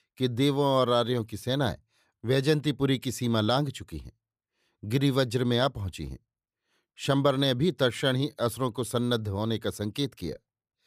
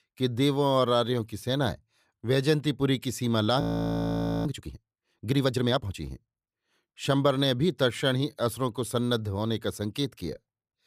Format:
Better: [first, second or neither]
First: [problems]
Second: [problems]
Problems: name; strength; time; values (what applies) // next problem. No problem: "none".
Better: first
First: none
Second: audio freezing; at 3.5 s for 1 s